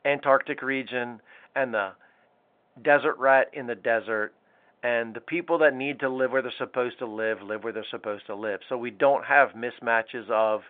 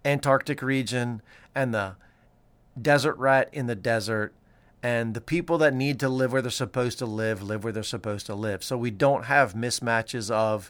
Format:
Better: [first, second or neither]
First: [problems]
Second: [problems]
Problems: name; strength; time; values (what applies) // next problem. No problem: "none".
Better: second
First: phone-call audio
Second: none